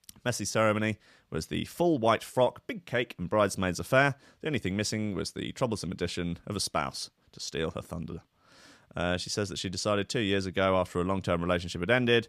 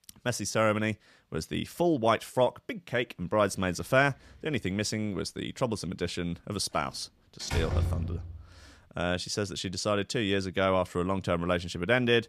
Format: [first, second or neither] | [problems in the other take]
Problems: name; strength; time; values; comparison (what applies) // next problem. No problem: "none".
first | door banging; loud; at 7.5 s; peak level with the speech